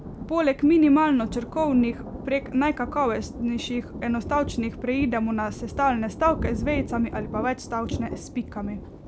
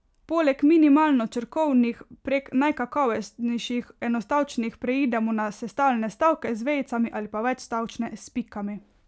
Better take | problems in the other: second | background sound (Thunder); 10 dB below the speech

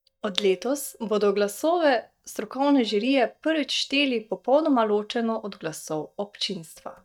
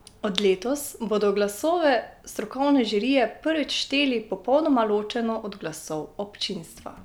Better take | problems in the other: second | noise reduction (neural mask model DeepFilterNet 3)

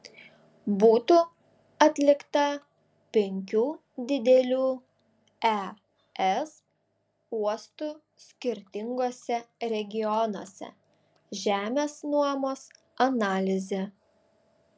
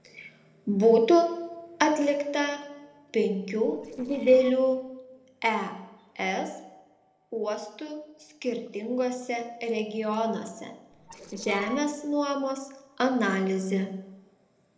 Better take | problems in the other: first | noise reduction (neural separator model SepFormer DNS4)

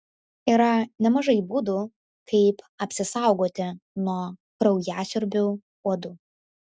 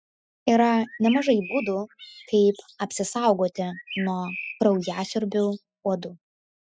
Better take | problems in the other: first | noise reduction (classical method spectral subtraction)

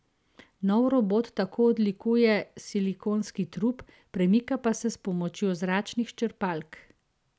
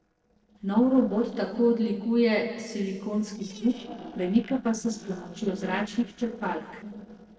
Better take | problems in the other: first | noise reduction (neural separator model SepFormer DNS4)

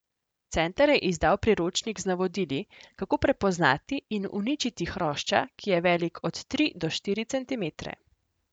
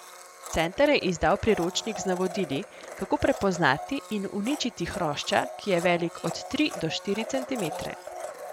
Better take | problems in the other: first | background sound (Domestic sounds, home sounds); 11 dB below the speech

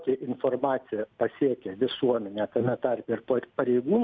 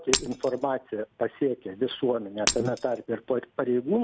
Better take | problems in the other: first | background sound (Shatter); 6 dB below the speech

